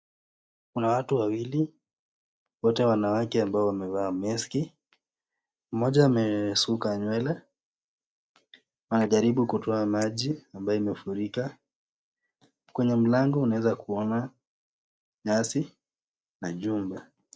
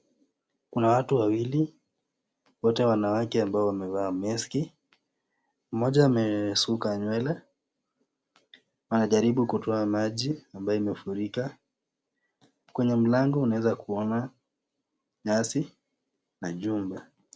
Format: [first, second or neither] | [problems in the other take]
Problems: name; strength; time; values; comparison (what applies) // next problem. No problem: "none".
second | noise reduction (neural mask model DeepFilterNet 3)